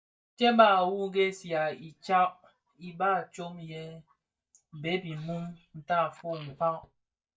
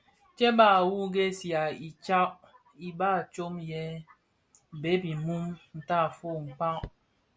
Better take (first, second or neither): second